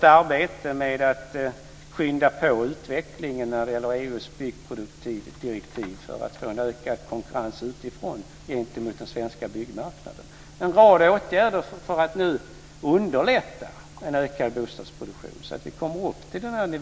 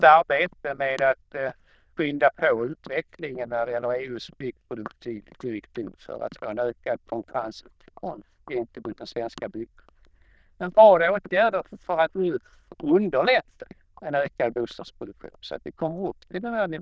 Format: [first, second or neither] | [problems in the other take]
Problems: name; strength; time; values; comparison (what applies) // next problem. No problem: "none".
first | noise reduction (neural diffusion model UNIVERSE++)